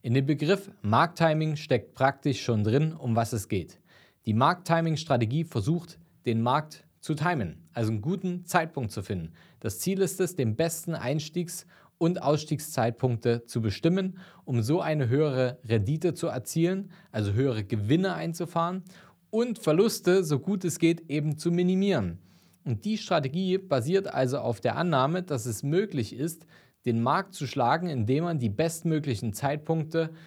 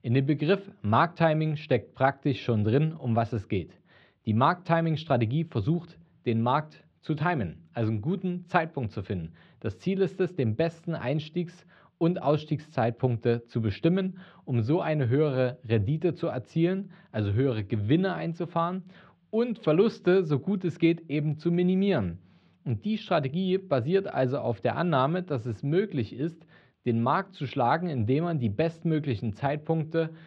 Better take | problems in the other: first | muffled; slightly; fading above 3.5 kHz

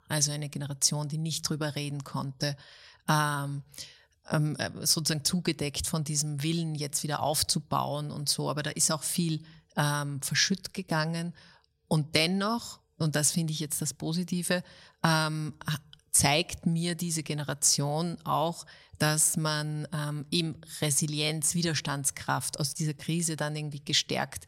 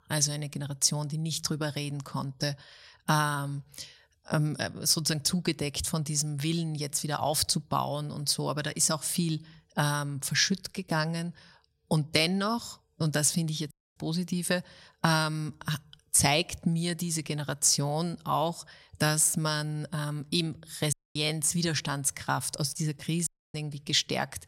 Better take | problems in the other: first | audio cutting out; at 14 s, at 21 s and at 23 s

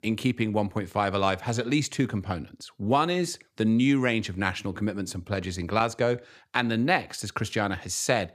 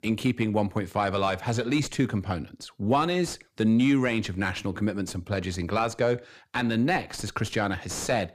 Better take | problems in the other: first | distortion; slight; 10 dB below the speech

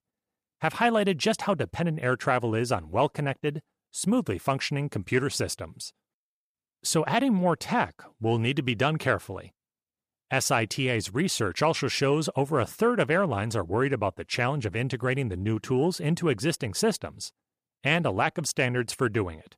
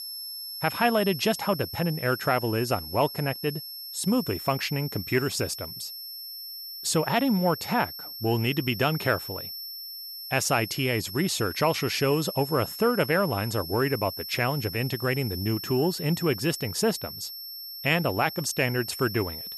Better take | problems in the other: first | high-pitched whine; loud; throughout; 5.5 kHz, 9 dB below the speech

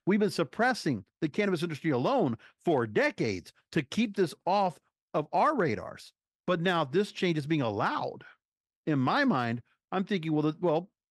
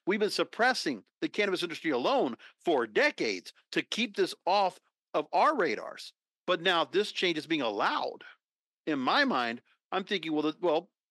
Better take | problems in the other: first | thin; very slightly; fading below 300 Hz

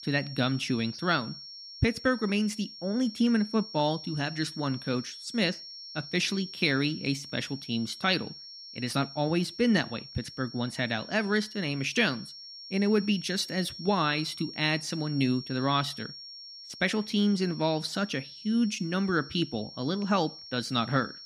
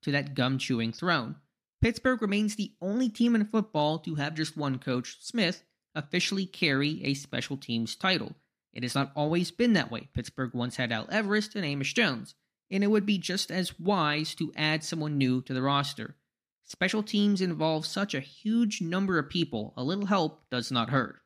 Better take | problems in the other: second | high-pitched whine; noticeable; throughout; 5.5 kHz, 15 dB below the speech

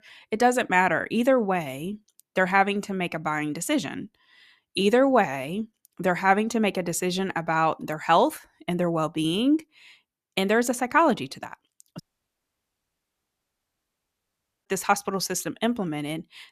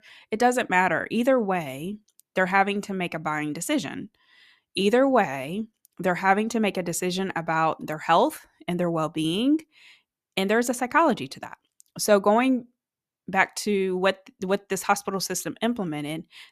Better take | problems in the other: second | audio cutting out; at 12 s for 2.5 s

